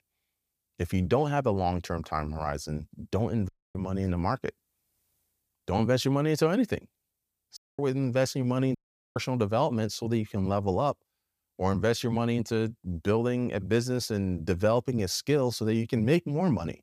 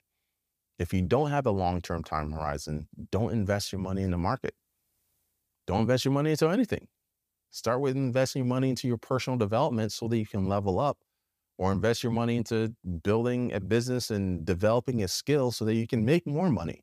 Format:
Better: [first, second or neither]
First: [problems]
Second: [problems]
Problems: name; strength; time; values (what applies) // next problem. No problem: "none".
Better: second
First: audio cutting out; at 3.5 s, at 7.5 s and at 9 s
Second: none